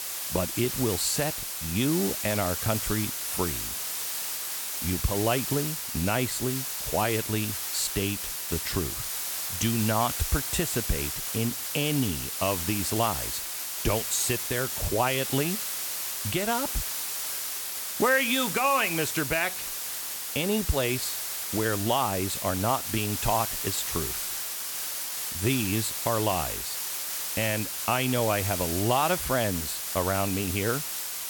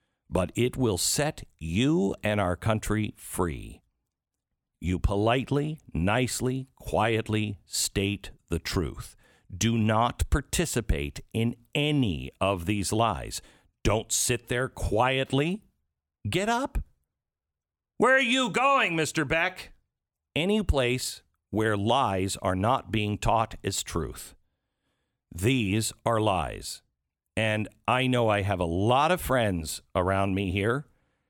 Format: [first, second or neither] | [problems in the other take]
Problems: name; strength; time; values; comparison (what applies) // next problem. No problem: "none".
second | hiss; loud; throughout; 1 dB below the speech